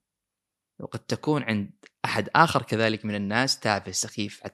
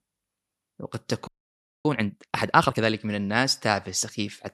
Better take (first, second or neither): first